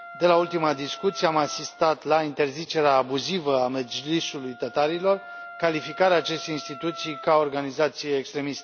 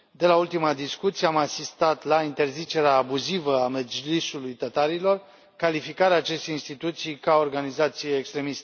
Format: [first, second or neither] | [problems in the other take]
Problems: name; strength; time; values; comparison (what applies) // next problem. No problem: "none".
second | background sound (Wind instrument, woodwind instrument); 18 dB below the speech